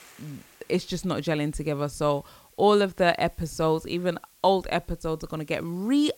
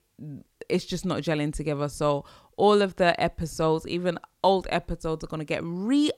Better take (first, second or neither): second